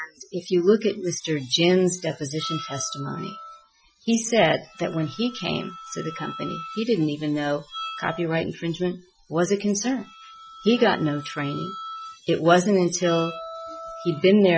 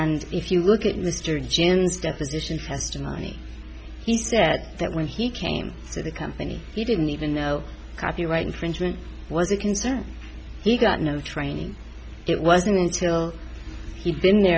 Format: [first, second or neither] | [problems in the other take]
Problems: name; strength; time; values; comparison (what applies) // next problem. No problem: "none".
second | noise reduction (classical method Wiener filter)